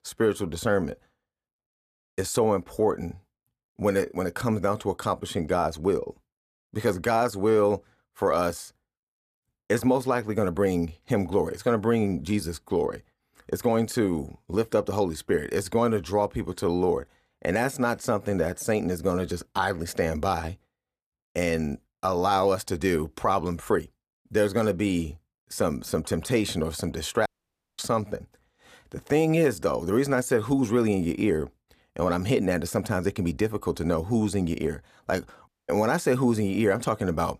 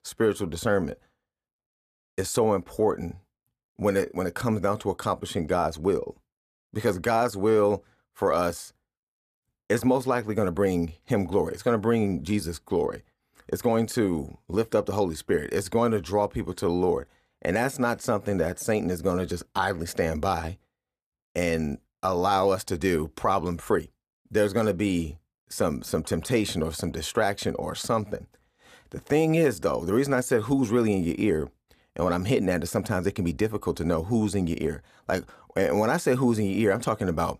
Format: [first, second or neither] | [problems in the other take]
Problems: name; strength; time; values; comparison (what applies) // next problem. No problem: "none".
second | audio cutting out; at 27 s for 0.5 s and at 35 s